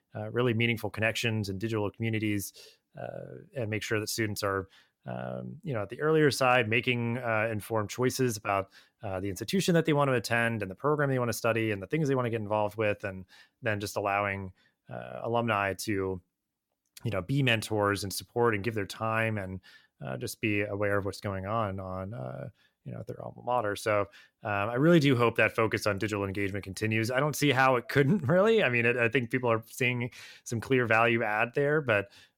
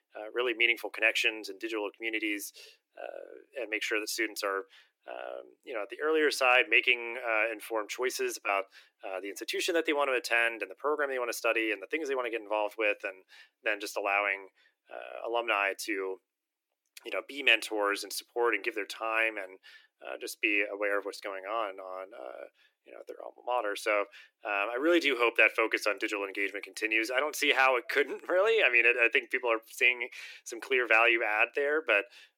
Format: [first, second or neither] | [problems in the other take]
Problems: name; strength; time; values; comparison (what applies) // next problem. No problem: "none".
first | thin; very; fading below 300 Hz